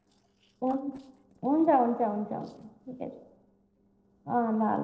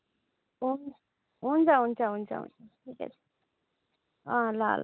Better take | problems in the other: second | noise reduction (neural separator model SepFormer DNS4)

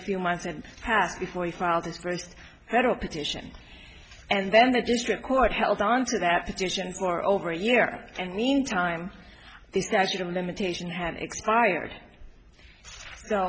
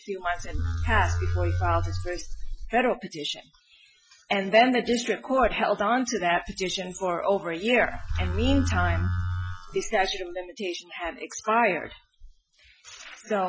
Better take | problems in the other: first | noise reduction (classical method Wiener filter)

